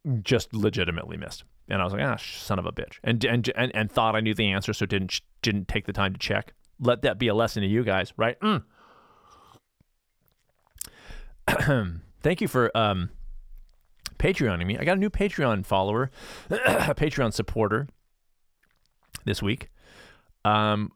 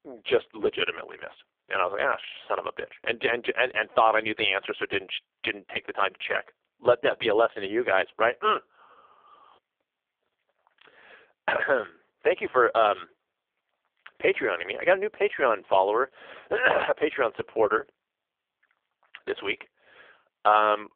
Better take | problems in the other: first | phone-call audio; poor line; nothing above 3.5 kHz

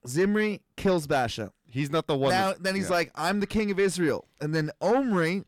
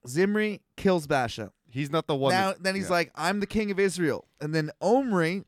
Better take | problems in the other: second | distortion; slight; 10 dB below the speech

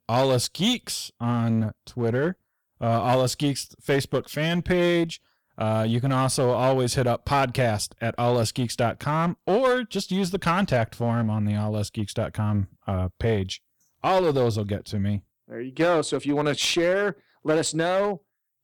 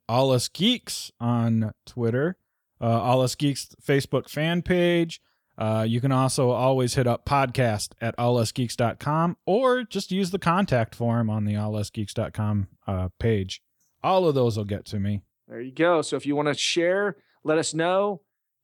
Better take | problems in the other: second | distortion; slight; 8% of the sound clipped

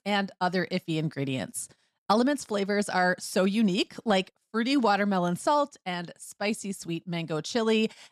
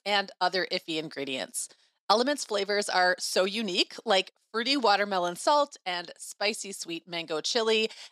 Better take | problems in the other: first | thin; somewhat; fading below 450 Hz

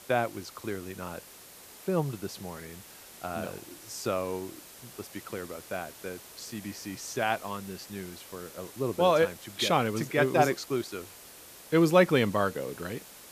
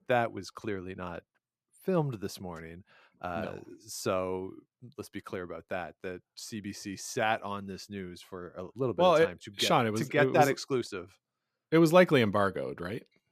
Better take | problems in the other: second | hiss; noticeable; throughout; 15 dB below the speech

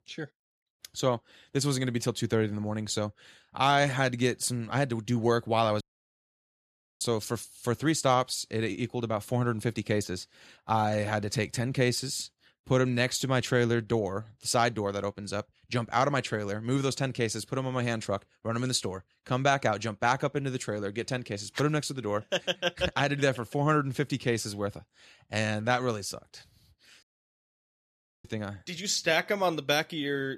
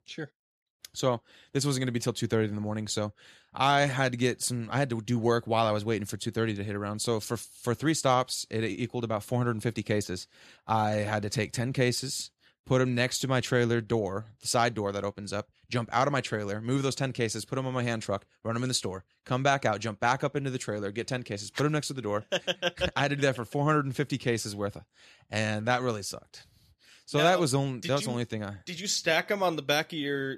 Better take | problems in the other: second | audio cutting out; at 6 s for 1 s and at 27 s for 1 s

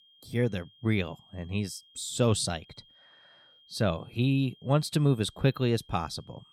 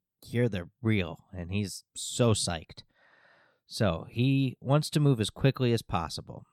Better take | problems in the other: second | high-pitched whine; faint; throughout; 3 kHz, 30 dB below the speech

